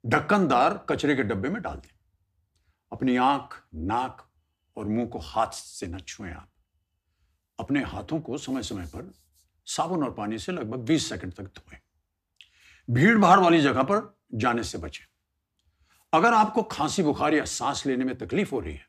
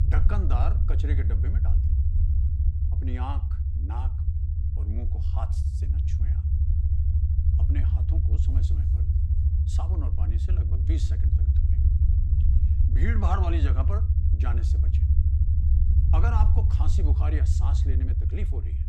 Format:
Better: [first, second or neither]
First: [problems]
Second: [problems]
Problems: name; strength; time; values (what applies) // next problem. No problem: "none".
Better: first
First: none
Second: low rumble; loud; throughout; 3 dB below the speech